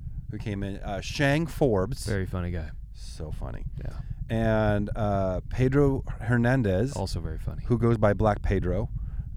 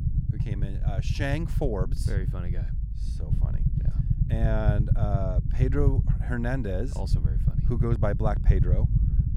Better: first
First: low rumble; faint; throughout; 25 dB below the speech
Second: low rumble; loud; throughout; 7 dB below the speech

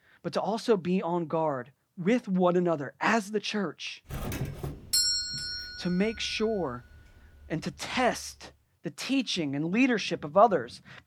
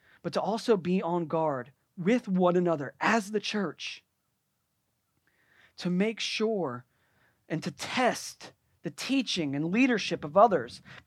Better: second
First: doorbell; loud; from 4 to 6 s; peak 5 dB above the speech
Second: none

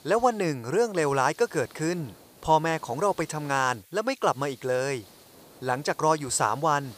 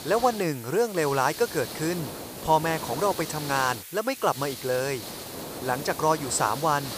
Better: first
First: hiss; faint; throughout; 25 dB below the speech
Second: hiss; loud; throughout; 9 dB below the speech

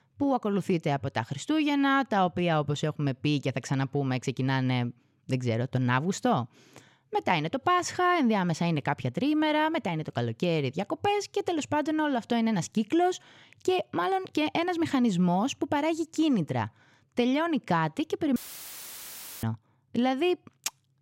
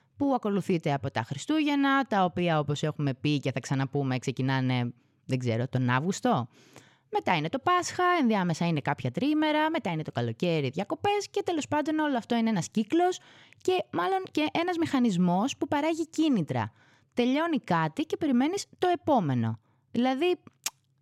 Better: second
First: audio cutting out; filled with static; at 18 s for 1 s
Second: none

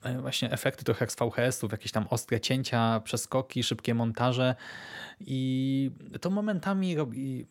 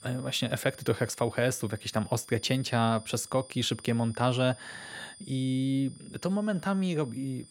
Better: first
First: none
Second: high-pitched whine; noticeable; throughout; 9 kHz, 20 dB below the speech

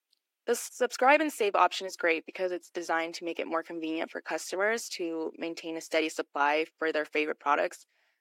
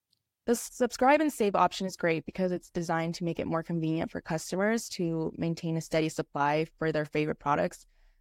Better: second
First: thin; somewhat; fading below 300 Hz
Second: none

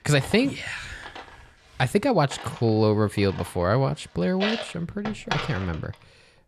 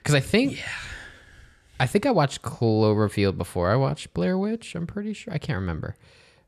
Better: second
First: household noises; loud; throughout; 10 dB below the speech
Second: none

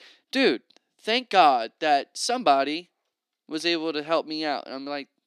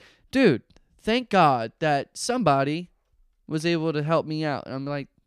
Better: second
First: thin; somewhat; fading below 300 Hz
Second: none

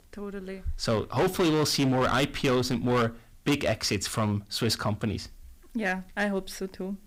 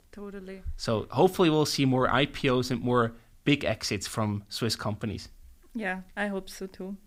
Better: second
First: distortion; heavy; 10% of the sound clipped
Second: none

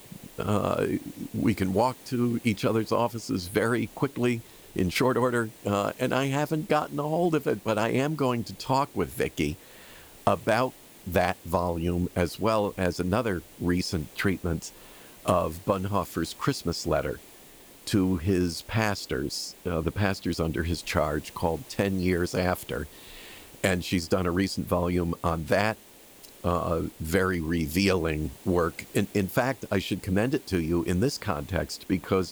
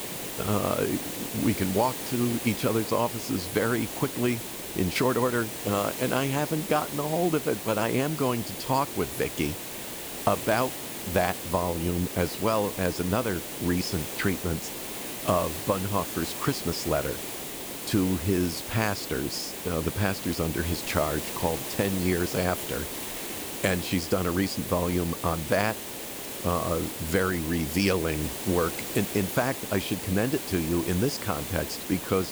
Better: first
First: hiss; faint; throughout; 20 dB below the speech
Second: hiss; loud; throughout; 5 dB below the speech

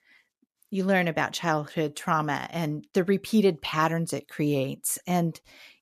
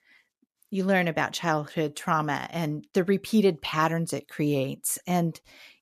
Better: neither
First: none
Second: none

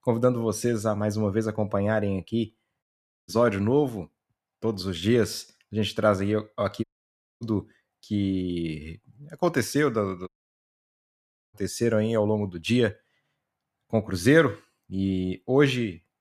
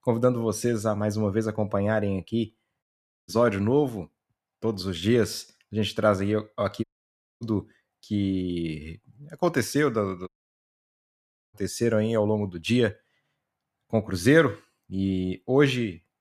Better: neither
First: audio cutting out; at 3 s, at 7 s for 0.5 s and at 10 s for 1.5 s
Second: audio cutting out; at 3 s, at 7 s for 0.5 s and at 10 s for 1.5 s

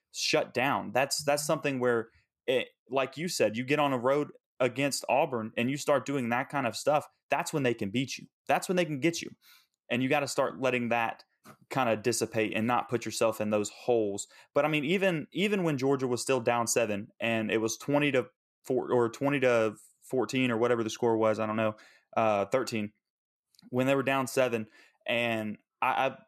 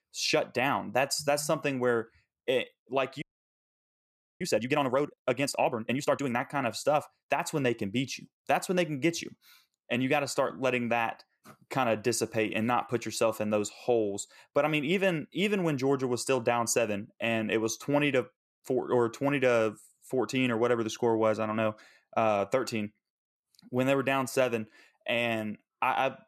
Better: first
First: none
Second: audio freezing; at 3 s for 1 s

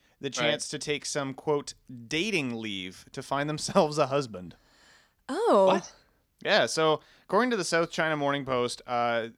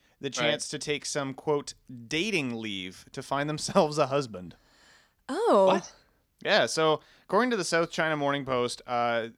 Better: neither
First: none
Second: none

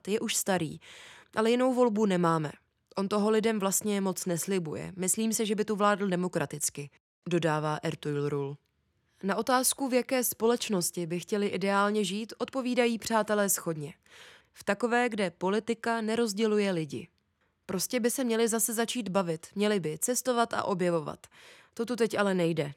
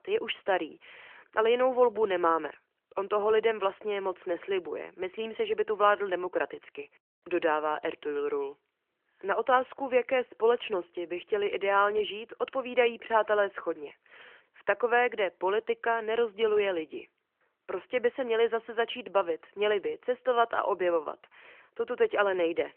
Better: first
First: none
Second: phone-call audio; nothing above 3 kHz

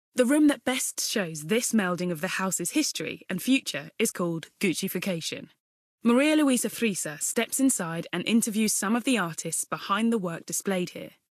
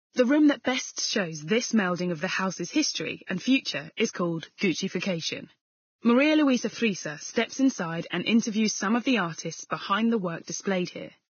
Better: first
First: garbled, watery; slightly; nothing above 12.5 kHz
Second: garbled, watery; badly; nothing above 6.5 kHz

